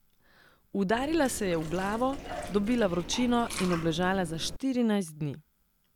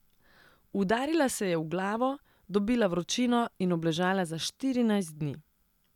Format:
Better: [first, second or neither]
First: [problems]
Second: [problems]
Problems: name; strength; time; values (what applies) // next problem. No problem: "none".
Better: second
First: background sound (Liquid); 10 dB below the speech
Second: none